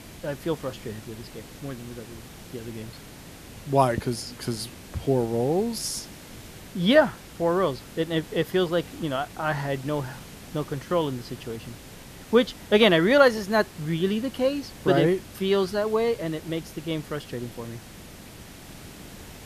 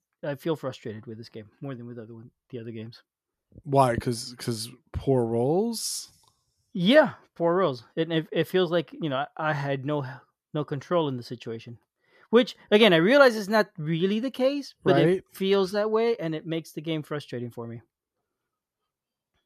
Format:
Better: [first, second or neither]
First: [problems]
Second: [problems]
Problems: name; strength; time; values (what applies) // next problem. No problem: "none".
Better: second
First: hiss; noticeable; throughout; 20 dB below the speech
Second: none